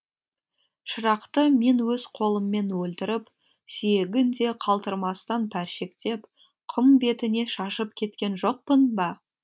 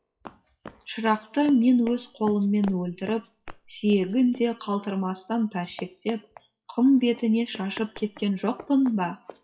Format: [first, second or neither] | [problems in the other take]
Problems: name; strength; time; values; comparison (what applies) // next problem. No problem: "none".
first | noise reduction (classical method WPE with log-MMSE)